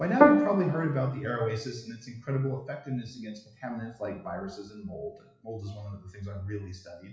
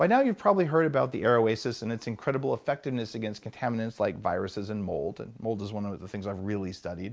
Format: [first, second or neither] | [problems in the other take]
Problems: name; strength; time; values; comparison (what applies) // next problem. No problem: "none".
second | noise reduction (classical method WPE with log-MMSE)